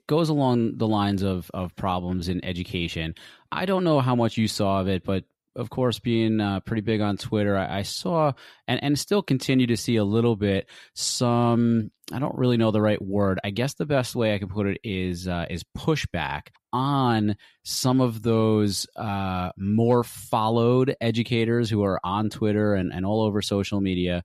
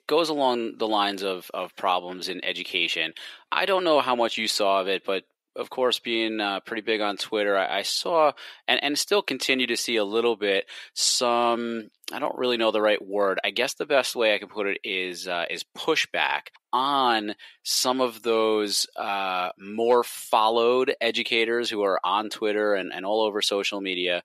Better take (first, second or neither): first